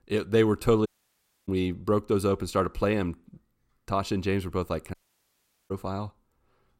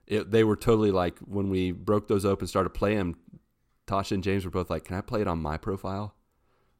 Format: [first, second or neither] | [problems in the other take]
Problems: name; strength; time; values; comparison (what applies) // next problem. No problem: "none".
second | audio cutting out; at 1 s for 0.5 s and at 5 s for 1 s